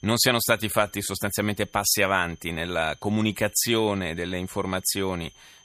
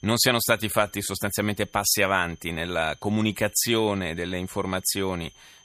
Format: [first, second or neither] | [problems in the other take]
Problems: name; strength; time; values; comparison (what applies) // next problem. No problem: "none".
neither | high-pitched whine; faint; throughout; 3 kHz, 30 dB below the speech; the same in both